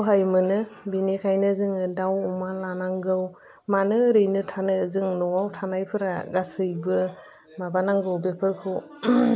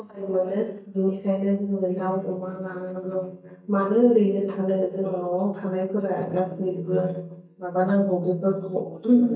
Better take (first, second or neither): first